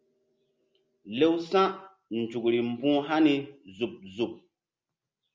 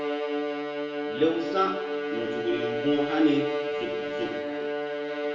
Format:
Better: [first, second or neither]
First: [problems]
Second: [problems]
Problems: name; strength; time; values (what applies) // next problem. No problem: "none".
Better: first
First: none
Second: background sound (Bowed string instrument); as loud as the speech // room echo; dies away in 0.8 s